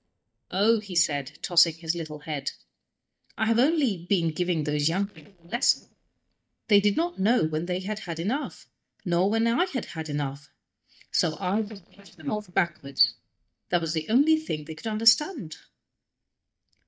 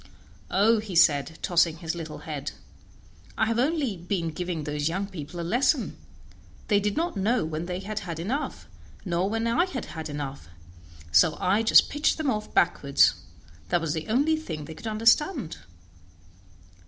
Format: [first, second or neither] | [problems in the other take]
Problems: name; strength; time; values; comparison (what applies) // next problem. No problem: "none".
second | noise reduction (neural mask model DeepFilterNet 3)